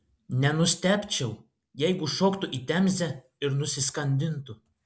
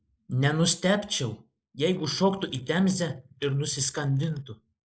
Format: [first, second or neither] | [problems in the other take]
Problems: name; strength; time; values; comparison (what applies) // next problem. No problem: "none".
first | noise reduction (neural mask model Resemble Enhance denoiser)